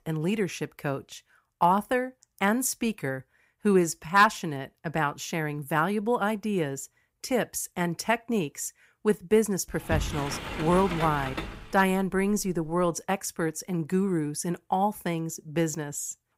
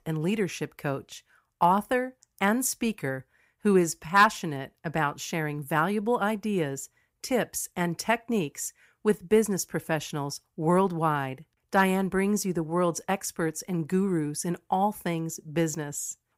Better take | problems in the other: second | door banging; noticeable; from 9.5 to 13 s; peak 5 dB below the speech

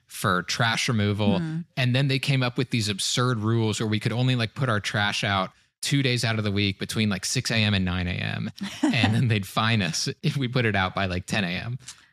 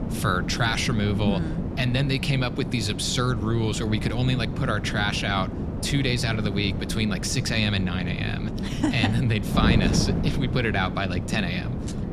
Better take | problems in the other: first | wind noise on the microphone; heavy; 9 dB below the speech

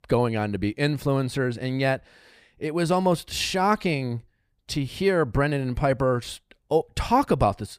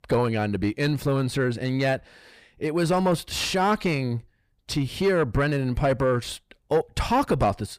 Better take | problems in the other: first | distortion; slight; 10 dB below the speech

